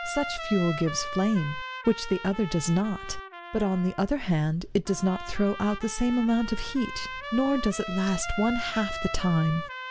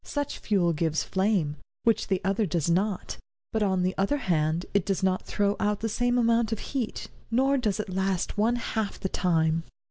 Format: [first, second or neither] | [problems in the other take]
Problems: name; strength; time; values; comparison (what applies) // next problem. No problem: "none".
second | background sound (Trumpet); 10 dB below the speech